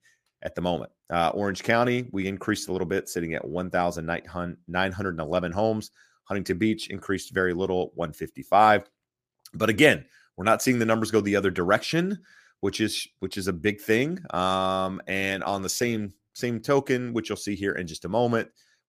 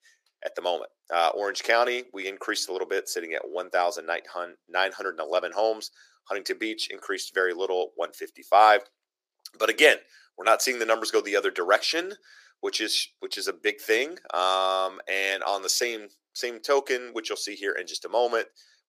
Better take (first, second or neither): first